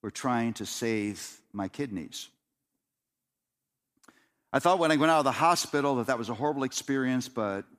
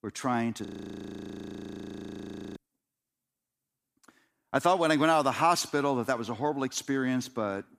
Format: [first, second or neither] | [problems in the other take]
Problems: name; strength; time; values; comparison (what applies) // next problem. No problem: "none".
first | audio freezing; at 0.5 s for 2 s